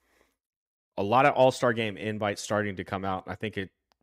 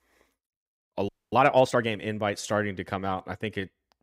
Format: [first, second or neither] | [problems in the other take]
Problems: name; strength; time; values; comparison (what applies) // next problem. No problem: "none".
first | audio freezing; at 1 s